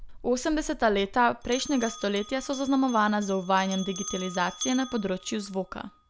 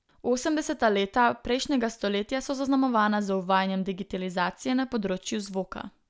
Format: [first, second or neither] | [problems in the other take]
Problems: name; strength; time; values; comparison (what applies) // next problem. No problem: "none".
second | background sound (Bell); 14 dB below the speech